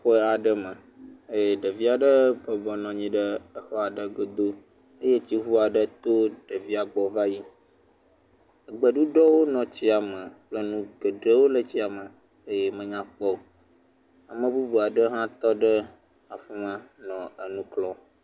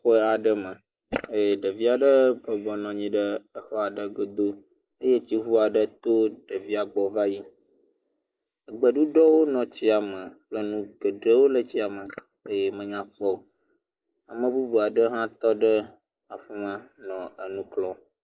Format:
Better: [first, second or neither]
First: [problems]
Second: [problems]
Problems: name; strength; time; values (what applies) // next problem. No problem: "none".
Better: first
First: none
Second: noise reduction (neural mask model Resemble Enhance denoiser)